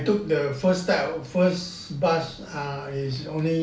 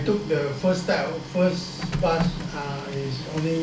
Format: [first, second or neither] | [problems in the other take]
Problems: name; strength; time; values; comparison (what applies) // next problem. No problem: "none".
first | background sound (Printer); 7 dB below the speech